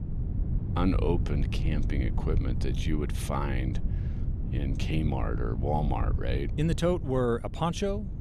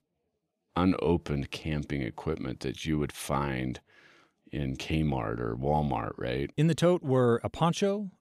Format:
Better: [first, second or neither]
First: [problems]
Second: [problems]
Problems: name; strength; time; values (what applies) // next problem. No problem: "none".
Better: second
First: wind noise on the microphone; occasional gusts; 10 dB below the speech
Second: none